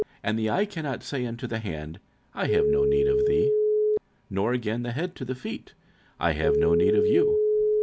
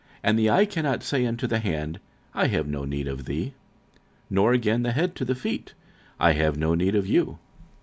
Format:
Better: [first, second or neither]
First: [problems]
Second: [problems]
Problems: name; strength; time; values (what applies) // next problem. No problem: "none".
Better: second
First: background sound (Telephone); 3 dB above the speech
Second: none